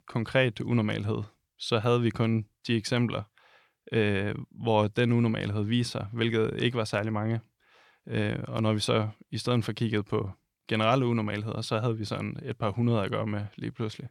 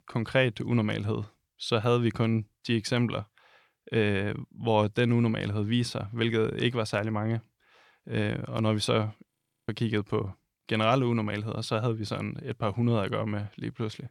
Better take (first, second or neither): first